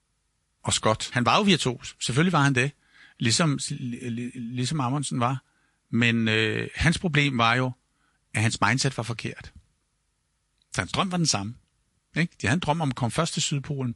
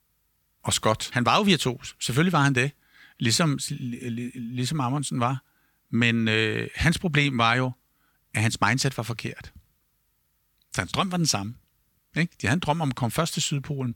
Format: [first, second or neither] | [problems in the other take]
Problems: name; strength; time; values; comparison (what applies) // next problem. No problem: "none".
second | garbled, watery; slightly